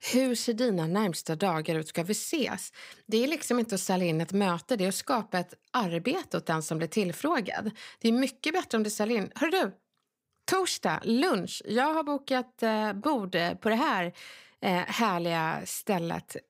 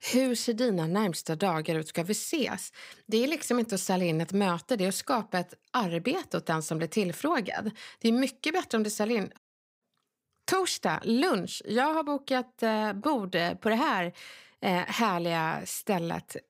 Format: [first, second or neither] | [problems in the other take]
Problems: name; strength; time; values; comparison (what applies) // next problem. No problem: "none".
first | audio cutting out; at 9.5 s